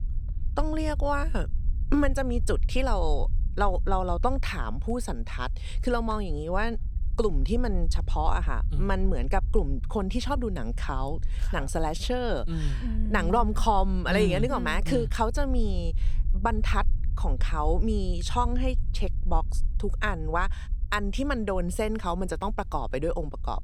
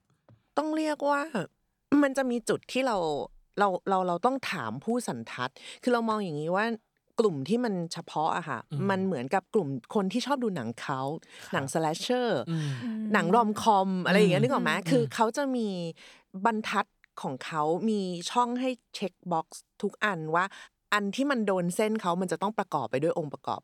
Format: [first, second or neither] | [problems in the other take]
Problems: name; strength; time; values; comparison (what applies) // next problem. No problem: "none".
second | low rumble; faint; throughout; 25 dB below the speech